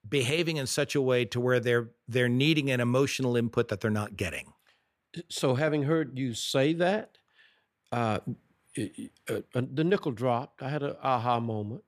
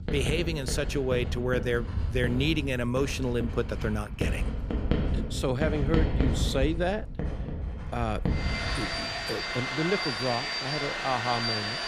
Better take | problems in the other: first | household noises; loud; throughout; 1 dB below the speech

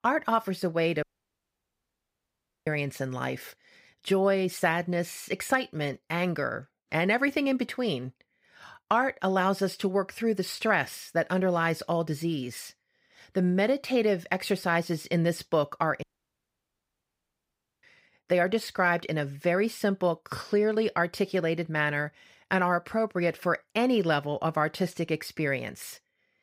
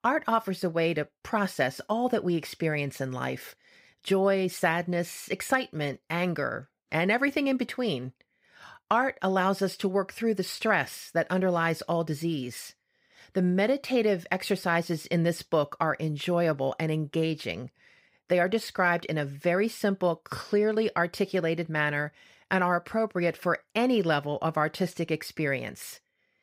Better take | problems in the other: second | audio cutting out; at 1 s for 1.5 s and at 16 s for 2 s

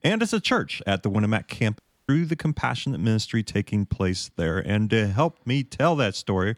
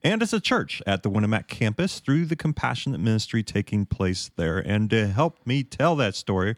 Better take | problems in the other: second | audio cutting out; at 2 s

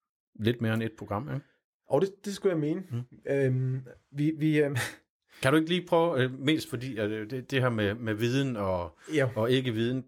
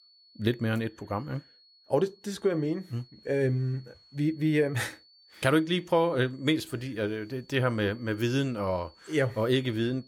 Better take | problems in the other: first | high-pitched whine; faint; throughout; 4.5 kHz, 30 dB below the speech

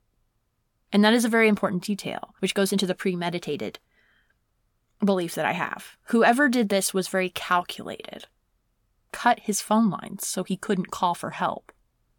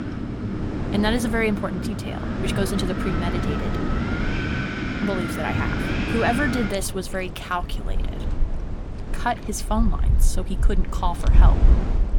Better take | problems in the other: first | wind in the background; very loud; throughout; 2 dB above the speech

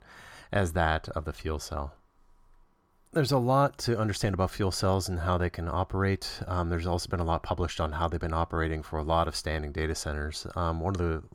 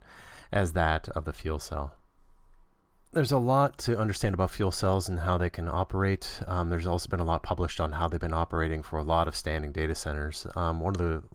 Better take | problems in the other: first | garbled, watery; slightly; nothing above 19 kHz

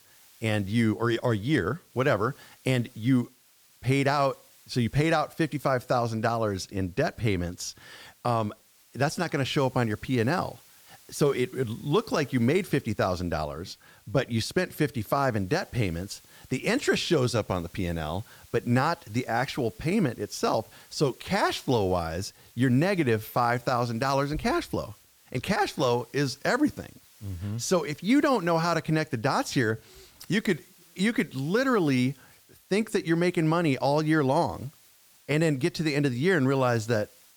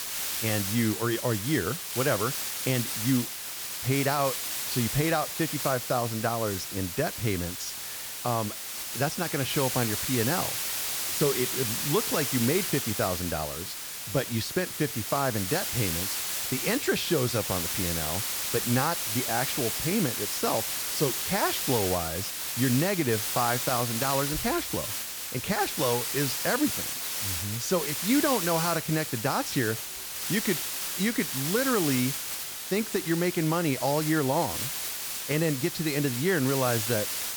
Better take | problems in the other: first | hiss; loud; throughout; 1 dB below the speech; faint in the first

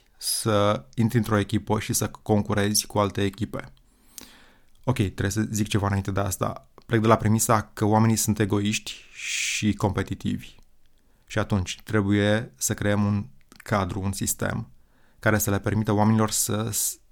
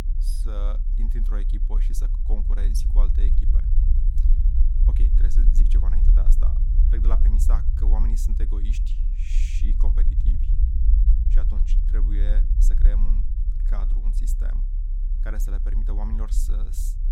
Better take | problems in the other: first | low rumble; loud; throughout; 3 dB below the speech

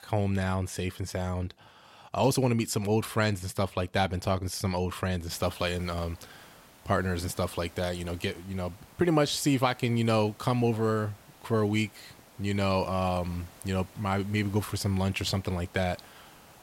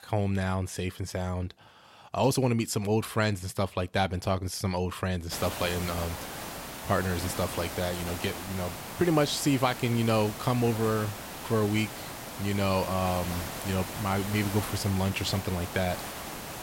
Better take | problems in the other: first | hiss; loud; from 5.5 s on; 8 dB below the speech; faint in the first

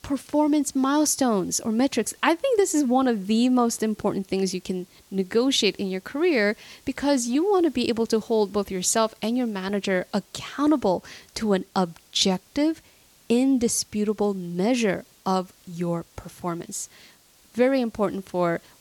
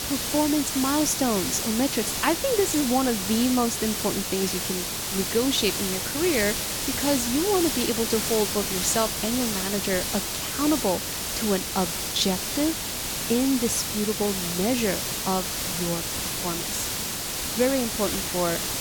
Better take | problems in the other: first | hiss; loud; throughout; as loud as the speech; faint in the first

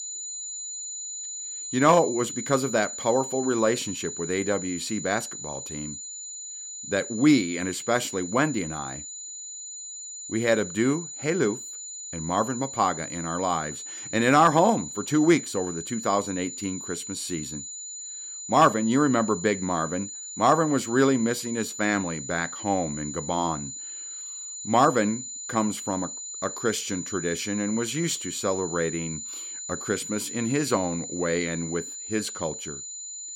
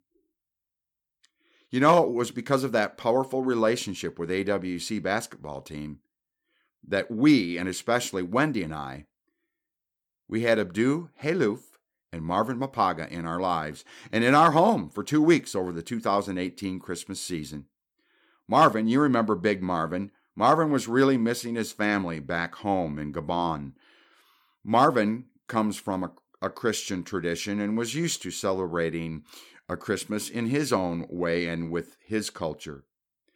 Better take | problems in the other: second | high-pitched whine; loud; throughout; 7 kHz, 9 dB below the speech

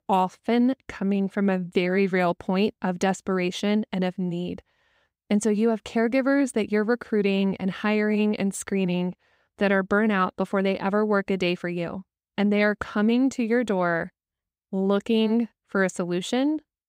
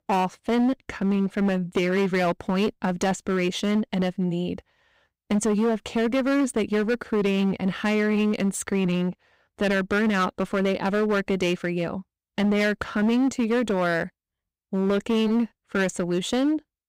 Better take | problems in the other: first | distortion; slight; 12% of the sound clipped

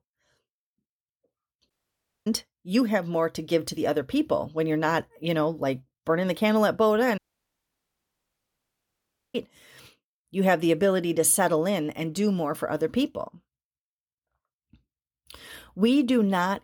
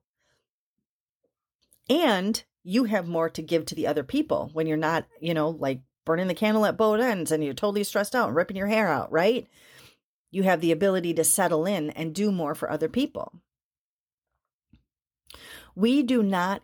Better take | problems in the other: second | audio cutting out; at 1.5 s for 0.5 s and at 7 s for 2 s

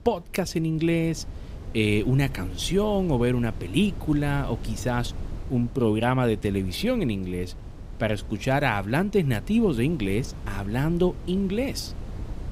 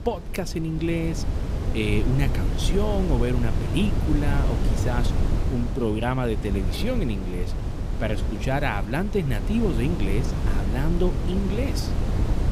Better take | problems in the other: first | wind noise on the microphone; heavy; 6 dB below the speech; occasional gusts in the first

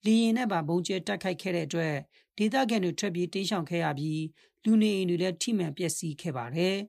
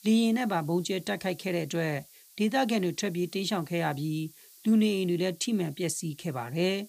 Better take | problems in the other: first | hiss; faint; throughout; 25 dB below the speech

